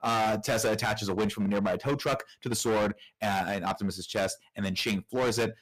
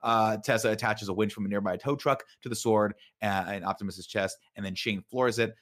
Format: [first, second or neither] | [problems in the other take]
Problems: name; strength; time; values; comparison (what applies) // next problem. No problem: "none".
second | distortion; heavy; 16% of the sound clipped